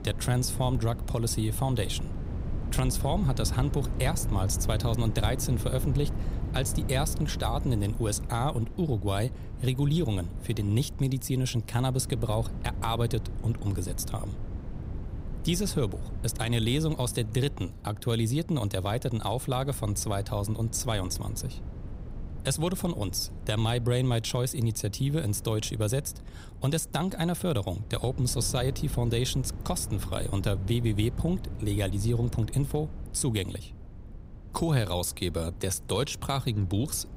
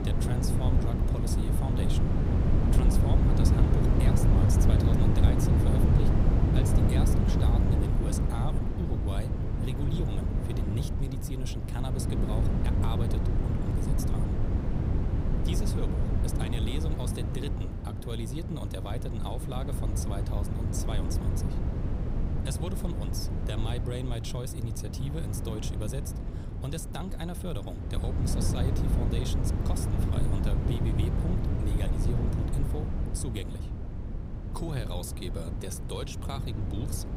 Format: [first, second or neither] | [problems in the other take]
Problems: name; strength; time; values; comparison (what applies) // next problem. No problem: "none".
first | wind noise on the microphone; heavy; 2 dB above the speech; occasional gusts in the first